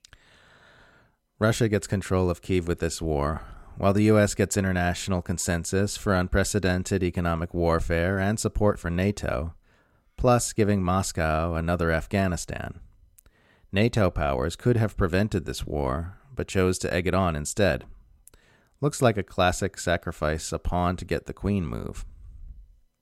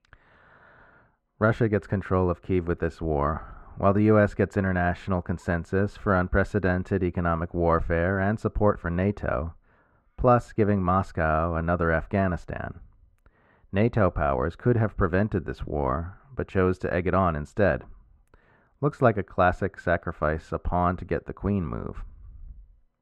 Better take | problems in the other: first | muffled; very; fading above 3.5 kHz

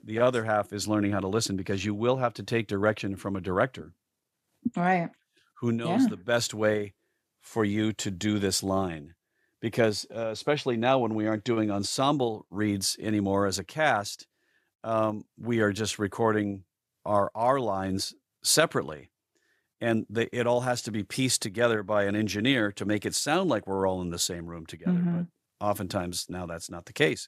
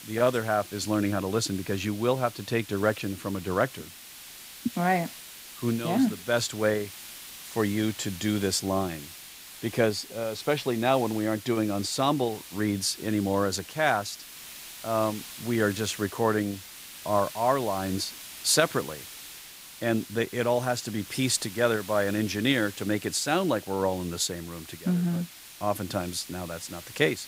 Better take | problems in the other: first | hiss; noticeable; throughout; 15 dB below the speech

